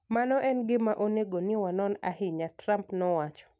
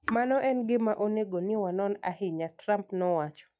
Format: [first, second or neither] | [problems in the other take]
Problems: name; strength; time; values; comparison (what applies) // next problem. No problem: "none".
first | noise reduction (classical method log-MMSE)